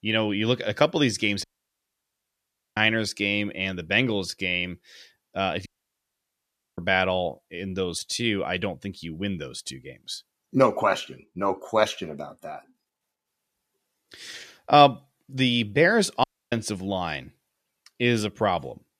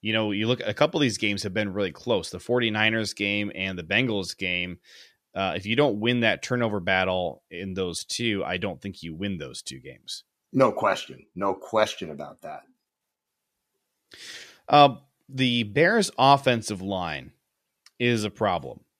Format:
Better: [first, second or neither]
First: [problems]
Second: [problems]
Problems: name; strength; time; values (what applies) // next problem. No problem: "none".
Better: second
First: audio cutting out; at 1.5 s for 1.5 s, at 5.5 s for 1 s and at 16 s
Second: none